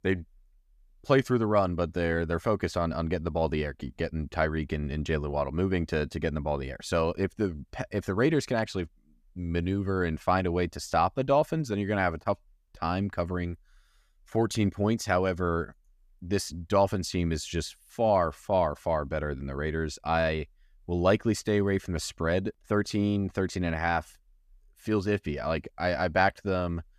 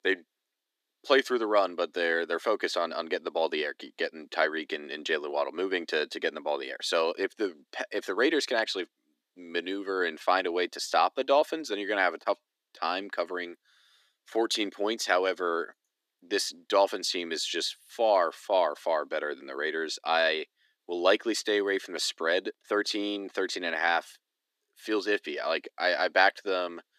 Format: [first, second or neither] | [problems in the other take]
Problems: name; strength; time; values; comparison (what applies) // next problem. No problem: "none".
first | thin; somewhat; fading below 300 Hz